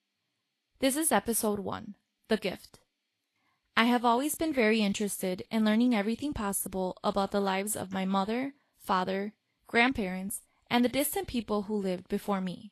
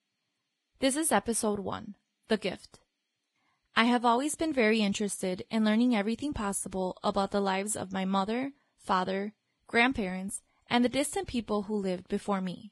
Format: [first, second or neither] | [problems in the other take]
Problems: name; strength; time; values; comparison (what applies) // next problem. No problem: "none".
first | garbled, watery; badly; nothing above 11 kHz; slightly in the first